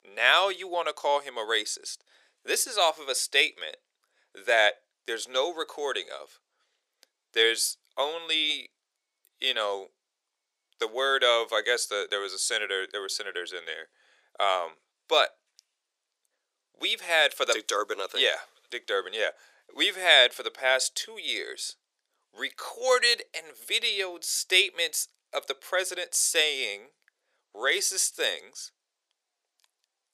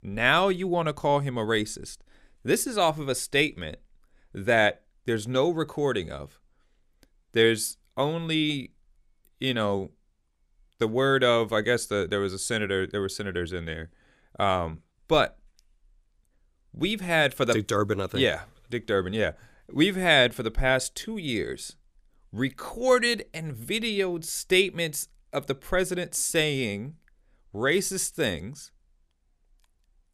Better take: second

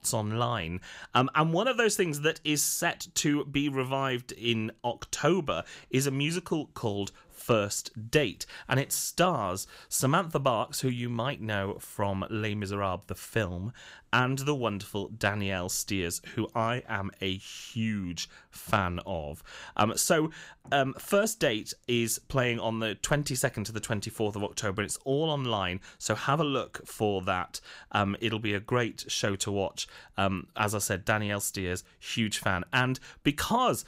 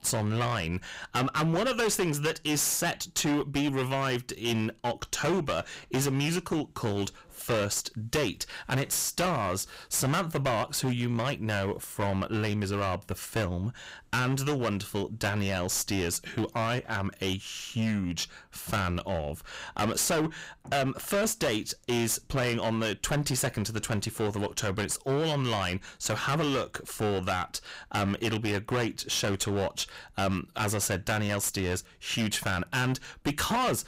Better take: first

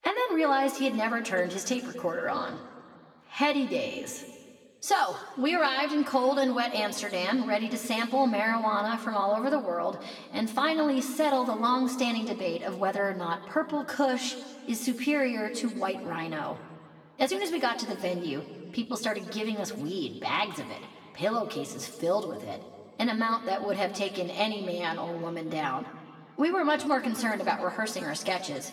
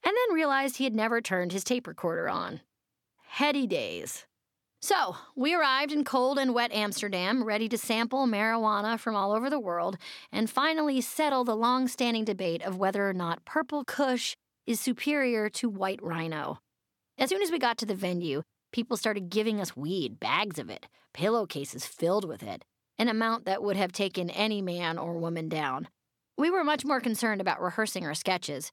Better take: second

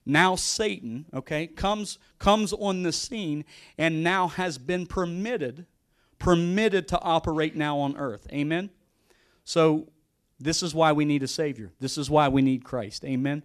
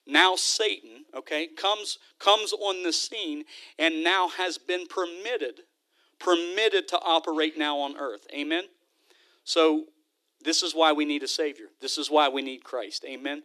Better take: first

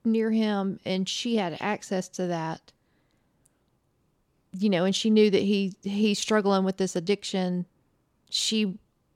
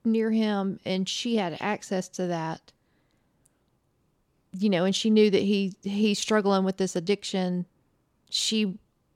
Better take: neither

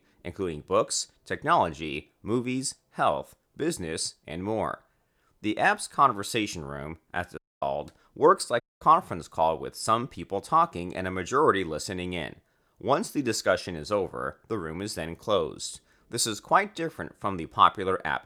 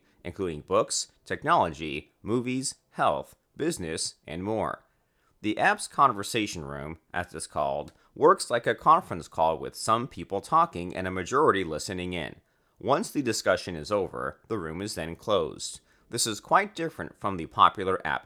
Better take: second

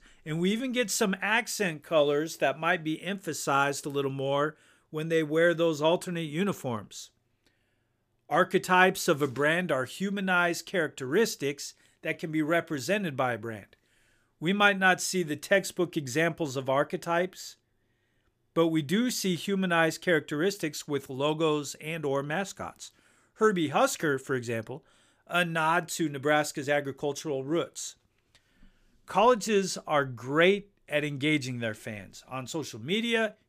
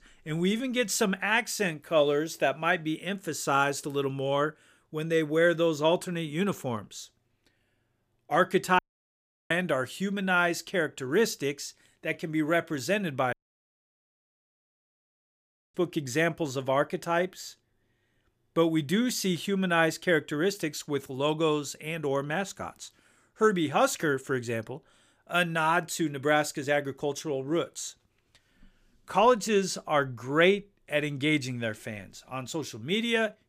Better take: first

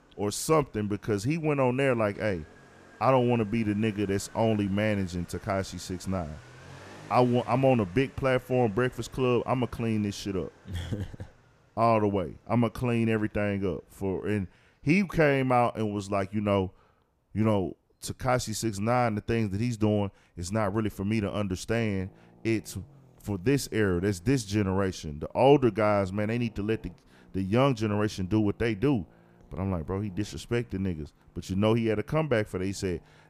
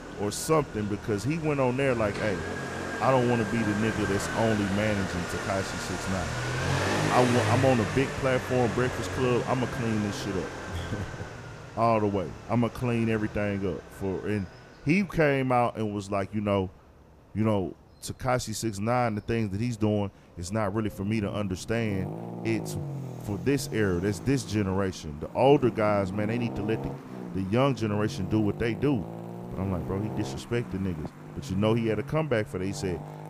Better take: first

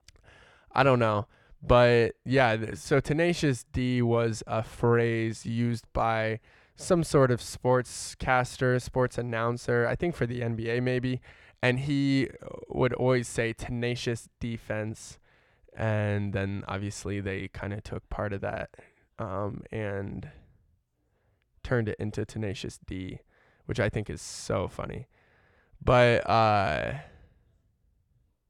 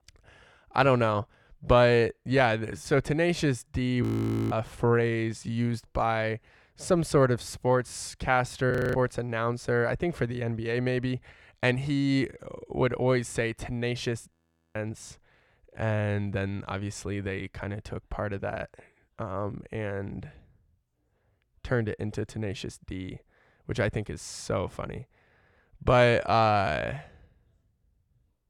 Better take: first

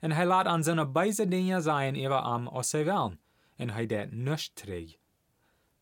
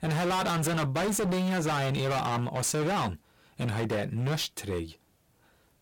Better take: first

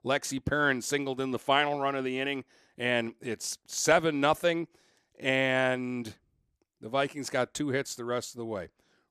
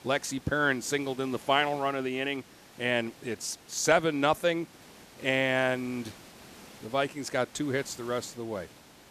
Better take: first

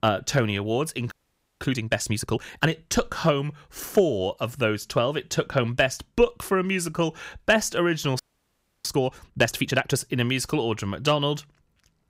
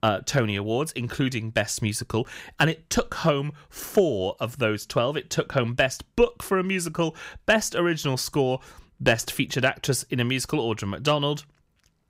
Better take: second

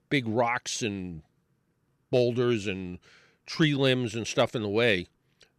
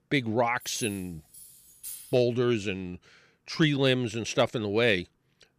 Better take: first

